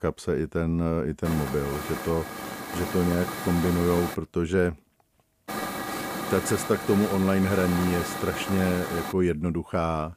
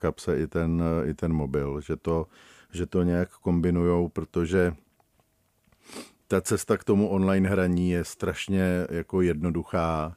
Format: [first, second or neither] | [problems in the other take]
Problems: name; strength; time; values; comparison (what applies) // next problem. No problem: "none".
second | hiss; loud; from 1.5 to 4 s and from 5.5 to 9 s; 7 dB below the speech